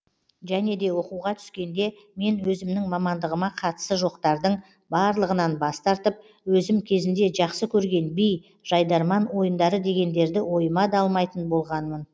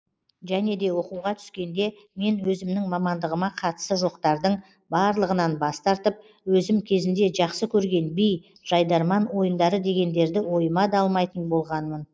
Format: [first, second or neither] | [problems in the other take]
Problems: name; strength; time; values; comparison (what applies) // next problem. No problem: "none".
first | noise reduction (neural mask model Resemble Enhance denoiser)